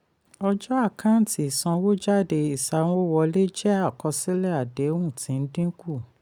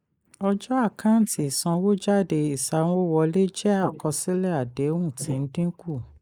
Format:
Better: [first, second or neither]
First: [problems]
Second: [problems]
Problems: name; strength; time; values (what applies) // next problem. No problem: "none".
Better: first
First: none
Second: noise reduction (neural mask model Resemble Enhance denoiser)